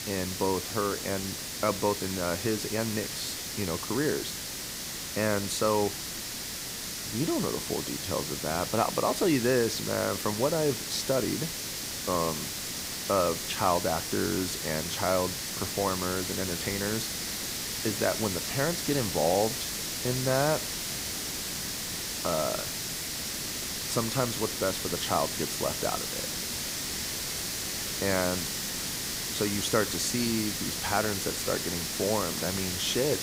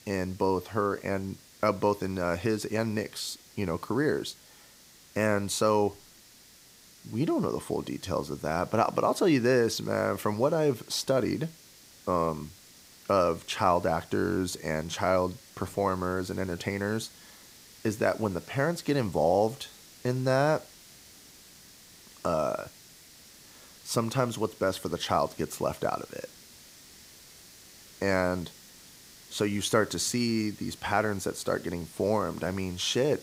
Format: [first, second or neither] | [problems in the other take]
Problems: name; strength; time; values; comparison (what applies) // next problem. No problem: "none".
second | hiss; loud; throughout; 2 dB below the speech; faint in the second